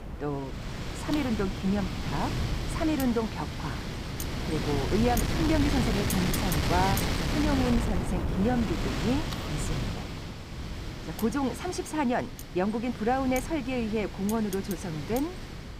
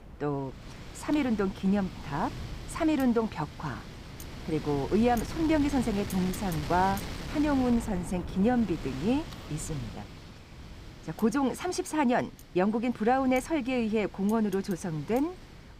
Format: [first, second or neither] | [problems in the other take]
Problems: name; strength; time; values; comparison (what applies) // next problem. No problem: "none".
second | wind noise on the microphone; heavy; 3 dB below the speech; occasional gusts in the second